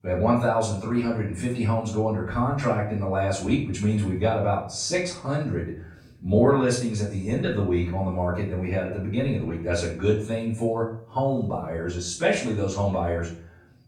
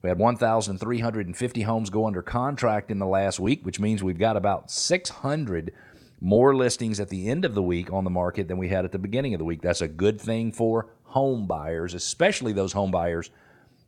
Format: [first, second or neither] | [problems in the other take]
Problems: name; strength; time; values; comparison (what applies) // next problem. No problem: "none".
second | off-mic speech; far // room echo; noticeable; dies away in 0.4 s